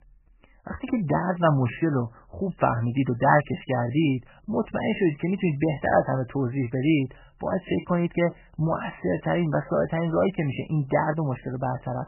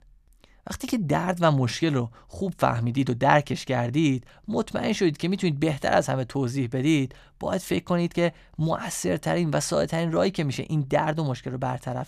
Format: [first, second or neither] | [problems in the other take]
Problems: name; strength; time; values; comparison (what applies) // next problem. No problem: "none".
second | garbled, watery; badly; nothing above 3 kHz